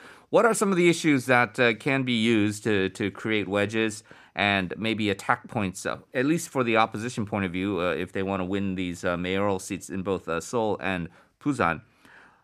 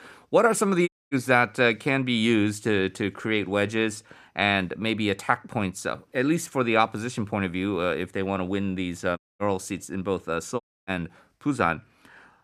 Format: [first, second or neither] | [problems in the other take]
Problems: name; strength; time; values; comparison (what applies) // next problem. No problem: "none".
first | audio cutting out; at 1 s, at 9 s and at 11 s